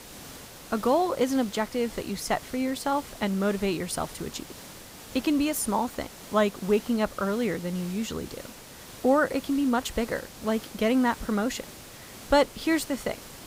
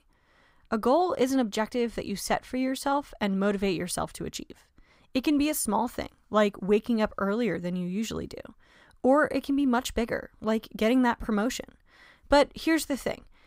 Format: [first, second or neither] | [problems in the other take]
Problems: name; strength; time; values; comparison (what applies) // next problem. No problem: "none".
second | hiss; noticeable; throughout; 15 dB below the speech